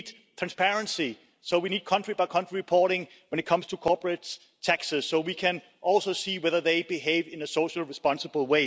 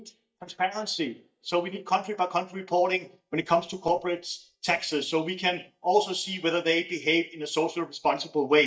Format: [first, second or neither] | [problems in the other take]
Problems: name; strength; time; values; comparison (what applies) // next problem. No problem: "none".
first | noise reduction (neural mask model DeepFilterNet 3)